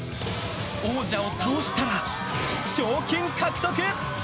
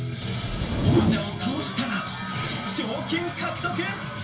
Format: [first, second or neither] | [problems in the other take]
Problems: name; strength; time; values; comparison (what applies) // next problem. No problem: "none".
first | background sound (Whoosh, swoosh, swish); 1 dB above the speech // room echo; dies away in 0.3 s